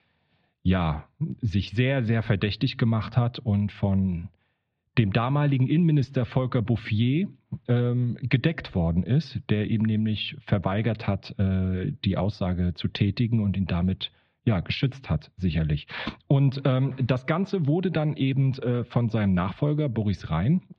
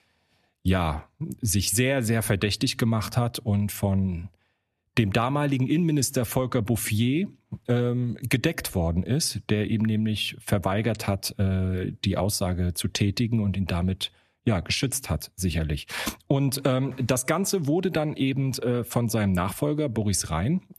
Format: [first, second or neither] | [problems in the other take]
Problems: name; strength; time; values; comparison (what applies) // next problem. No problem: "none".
second | muffled; slightly; fading above 4 kHz